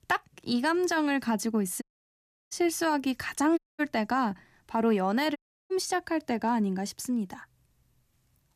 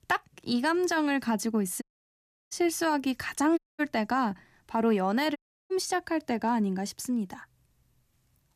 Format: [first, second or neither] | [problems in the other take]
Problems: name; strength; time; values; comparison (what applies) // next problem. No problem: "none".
neither | audio cutting out; at 2 s for 0.5 s, at 3.5 s and at 5.5 s; the same in both